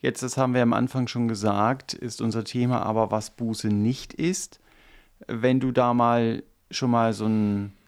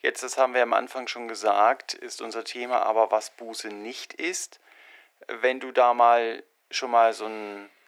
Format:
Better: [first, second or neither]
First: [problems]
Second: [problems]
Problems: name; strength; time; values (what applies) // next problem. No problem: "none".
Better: first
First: none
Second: thin; very; fading below 350 Hz